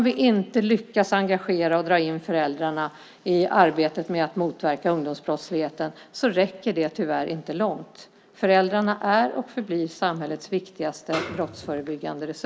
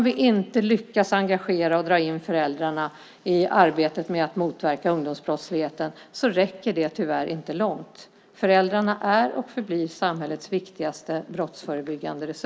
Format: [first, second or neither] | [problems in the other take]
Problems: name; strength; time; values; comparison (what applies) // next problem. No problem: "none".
second | background sound (Snare drum); 10 dB below the speech